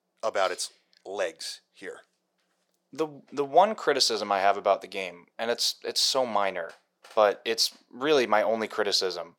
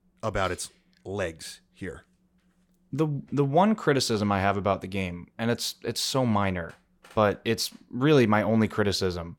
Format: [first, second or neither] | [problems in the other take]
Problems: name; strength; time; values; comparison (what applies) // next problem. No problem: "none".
second | thin; very; fading below 500 Hz